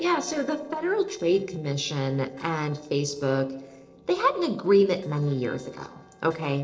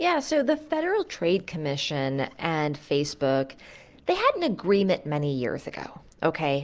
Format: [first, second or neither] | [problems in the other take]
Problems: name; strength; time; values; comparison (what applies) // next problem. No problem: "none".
second | noise reduction (neural separator model SepFormer DNS4)